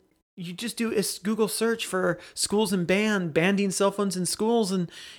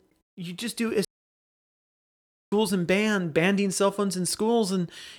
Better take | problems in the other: first | audio cutting out; at 1 s for 1.5 s

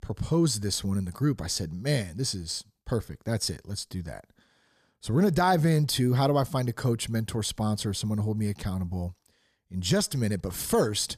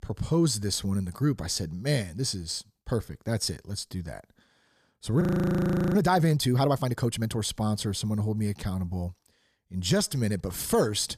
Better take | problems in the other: first | audio freezing; at 5 s for 0.5 s

